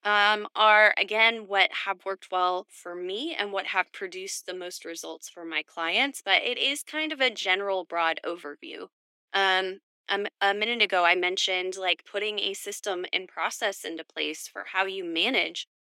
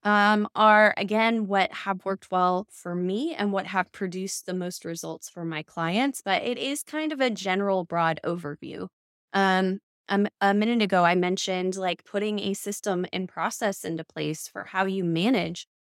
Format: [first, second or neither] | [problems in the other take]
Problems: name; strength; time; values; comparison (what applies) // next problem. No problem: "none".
second | thin; somewhat; fading below 300 Hz